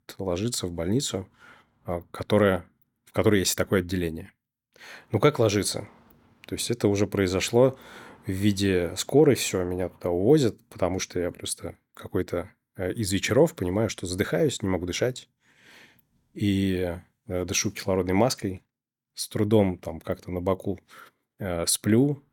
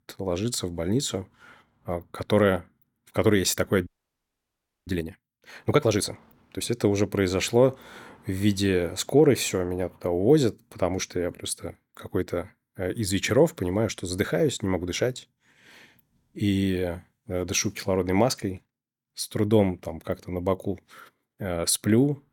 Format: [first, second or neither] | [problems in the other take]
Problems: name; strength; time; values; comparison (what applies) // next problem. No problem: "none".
first | audio freezing; at 4 s for 1 s